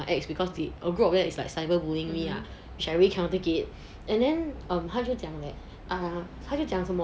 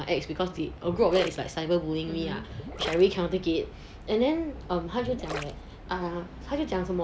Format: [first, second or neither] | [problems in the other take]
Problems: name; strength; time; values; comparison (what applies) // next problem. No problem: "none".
first | background sound (Gurgling); 11 dB below the speech